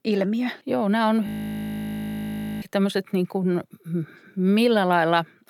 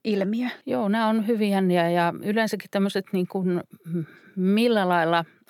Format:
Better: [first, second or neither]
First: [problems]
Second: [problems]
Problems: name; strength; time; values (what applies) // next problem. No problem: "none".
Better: second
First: audio freezing; at 1.5 s for 1.5 s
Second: none